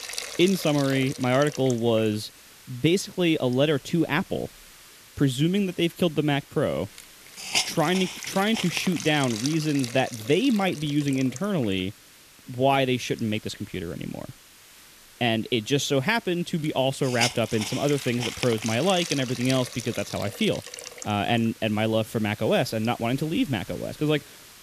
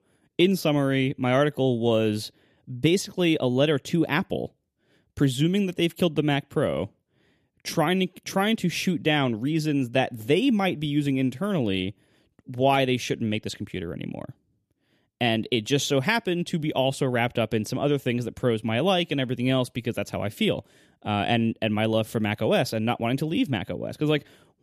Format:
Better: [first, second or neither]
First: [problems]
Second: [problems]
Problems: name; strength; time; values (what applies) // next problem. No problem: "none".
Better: second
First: hiss; loud; throughout; 9 dB below the speech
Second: none